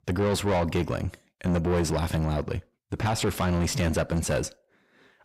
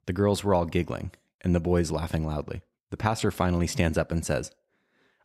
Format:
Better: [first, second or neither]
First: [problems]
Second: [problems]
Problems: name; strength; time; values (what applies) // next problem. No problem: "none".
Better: second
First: distortion; heavy; 6 dB below the speech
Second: none